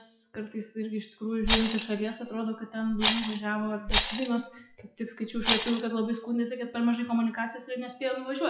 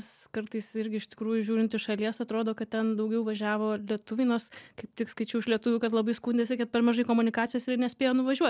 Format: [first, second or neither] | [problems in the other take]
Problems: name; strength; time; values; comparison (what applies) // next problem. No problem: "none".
second | noise reduction (classical method WPE with log-MMSE)